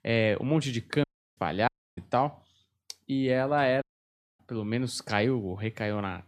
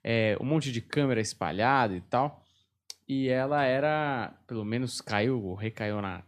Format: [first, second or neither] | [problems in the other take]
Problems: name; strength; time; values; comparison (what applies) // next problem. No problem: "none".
second | audio cutting out; at 1 s, at 1.5 s and at 4 s for 0.5 s